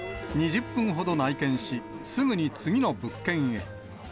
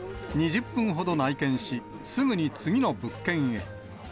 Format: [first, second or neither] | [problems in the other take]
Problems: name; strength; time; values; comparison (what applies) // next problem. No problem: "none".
second | background sound (Wind instrument, woodwind instrument); 17 dB below the speech